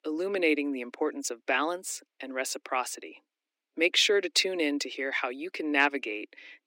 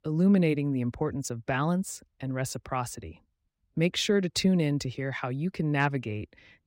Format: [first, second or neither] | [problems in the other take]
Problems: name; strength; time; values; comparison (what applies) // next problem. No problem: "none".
second | thin; somewhat; fading below 300 Hz